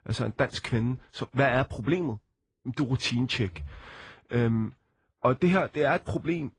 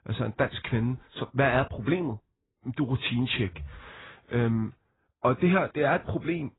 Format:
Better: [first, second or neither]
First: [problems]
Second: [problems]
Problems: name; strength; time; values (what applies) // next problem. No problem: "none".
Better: first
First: garbled, watery; slightly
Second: garbled, watery; badly; nothing above 4 kHz